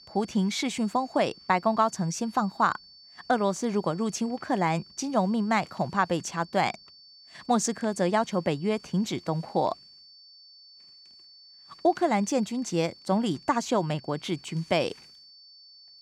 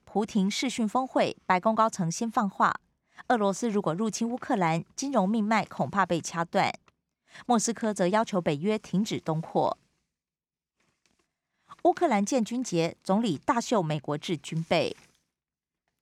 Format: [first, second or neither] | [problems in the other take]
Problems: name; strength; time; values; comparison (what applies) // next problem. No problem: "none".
second | high-pitched whine; faint; throughout; 4.5 kHz, 20 dB below the speech